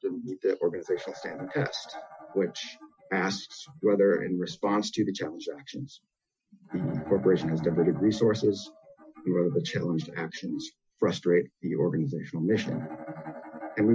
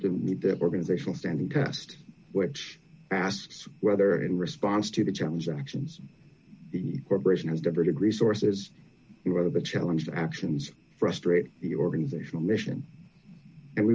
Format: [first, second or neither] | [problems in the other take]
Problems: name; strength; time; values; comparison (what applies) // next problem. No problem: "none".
second | noise reduction (classical method Wiener filter)